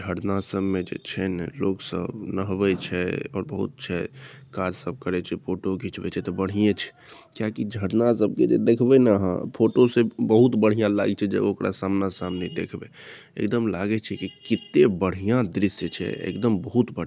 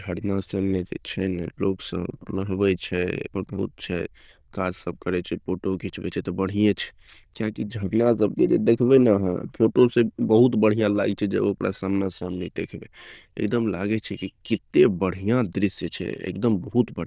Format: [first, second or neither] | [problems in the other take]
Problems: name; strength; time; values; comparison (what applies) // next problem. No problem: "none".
first | noise reduction (neural diffusion model UNIVERSE++)